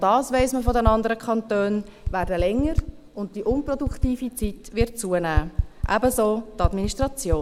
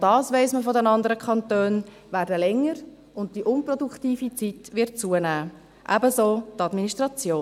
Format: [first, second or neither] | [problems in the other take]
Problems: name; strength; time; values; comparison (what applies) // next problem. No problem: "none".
second | background sound (Typing); 4 dB below the speech